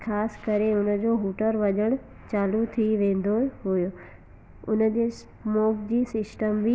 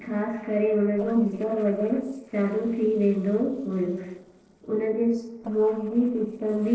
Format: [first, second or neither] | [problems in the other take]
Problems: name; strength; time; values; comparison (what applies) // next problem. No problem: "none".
first | noise reduction (neural separator model SepFormer DNS4)